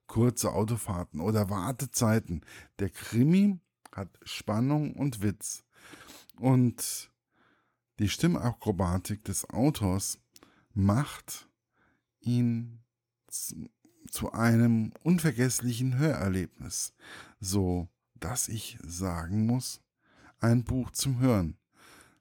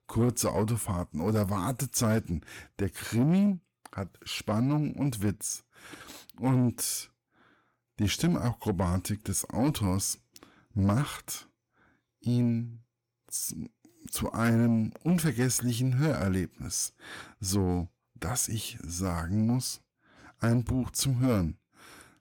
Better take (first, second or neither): first